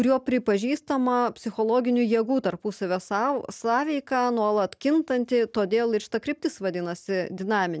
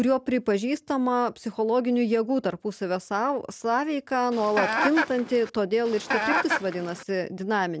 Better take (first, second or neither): first